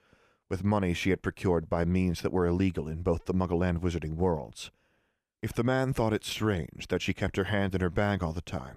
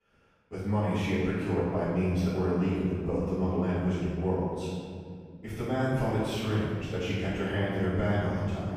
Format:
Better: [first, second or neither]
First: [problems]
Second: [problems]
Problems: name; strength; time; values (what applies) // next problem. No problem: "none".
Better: first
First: none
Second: off-mic speech; far // room echo; strong; dies away in 2.1 s